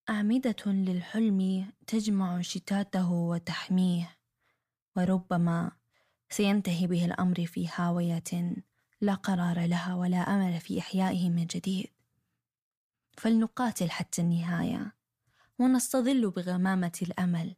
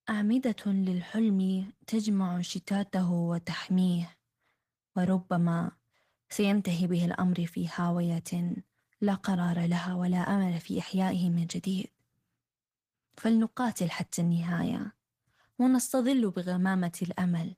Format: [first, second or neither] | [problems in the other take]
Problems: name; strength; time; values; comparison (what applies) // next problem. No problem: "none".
first | garbled, watery; slightly; nothing above 15 kHz